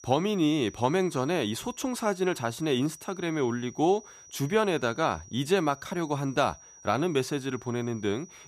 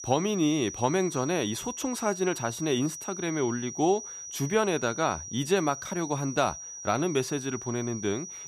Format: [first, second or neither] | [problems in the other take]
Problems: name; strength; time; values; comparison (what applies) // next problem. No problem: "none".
first | high-pitched whine; loud; throughout; 6 kHz, 9 dB below the speech; faint in the first